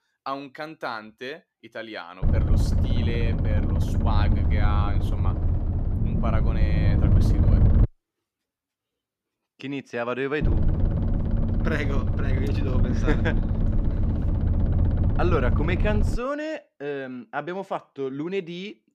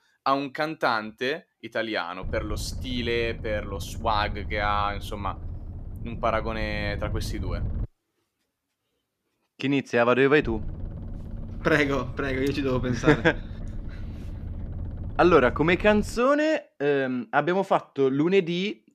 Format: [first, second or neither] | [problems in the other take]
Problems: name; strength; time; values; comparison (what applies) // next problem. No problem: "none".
second | low rumble; loud; from 2 to 8 s and from 10 to 16 s; 4 dB below the speech; faint in the second